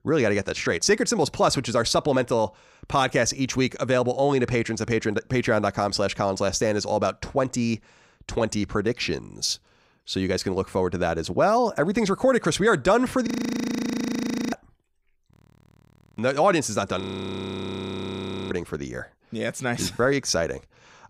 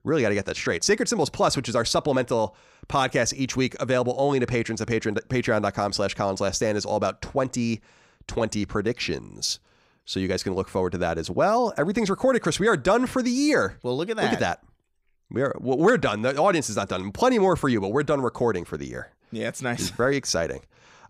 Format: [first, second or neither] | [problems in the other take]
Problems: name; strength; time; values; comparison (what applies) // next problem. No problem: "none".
second | audio freezing; at 13 s for 1.5 s, at 15 s for 1 s and at 17 s for 1.5 s